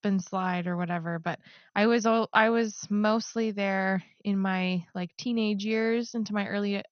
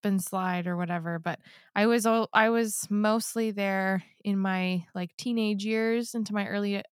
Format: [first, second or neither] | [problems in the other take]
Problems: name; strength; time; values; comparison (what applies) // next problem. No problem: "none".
second | garbled, watery; slightly; nothing above 6.5 kHz